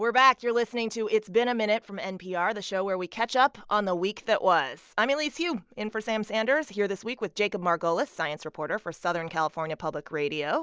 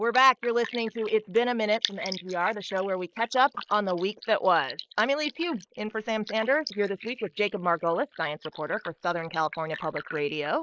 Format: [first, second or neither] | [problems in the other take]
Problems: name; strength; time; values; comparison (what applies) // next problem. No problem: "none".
first | noise reduction (neural mask model Resemble Enhance denoiser)